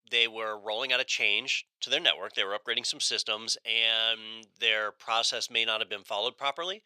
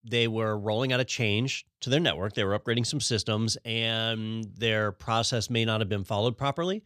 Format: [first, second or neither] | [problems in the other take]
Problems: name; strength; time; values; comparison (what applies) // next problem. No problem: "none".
second | thin; very; fading below 700 Hz